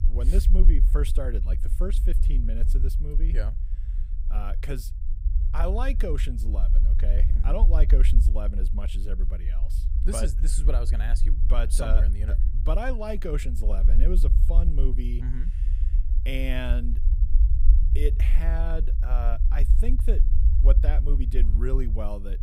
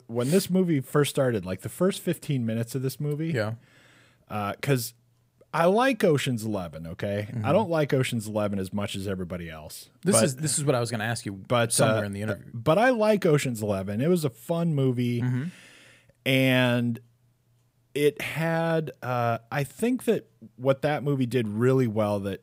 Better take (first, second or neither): second